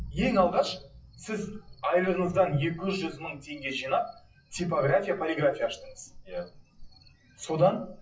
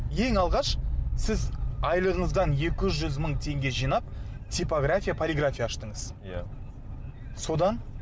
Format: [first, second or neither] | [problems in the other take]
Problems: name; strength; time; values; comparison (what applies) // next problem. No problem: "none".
second | noise reduction (classical method WPE with log-MMSE)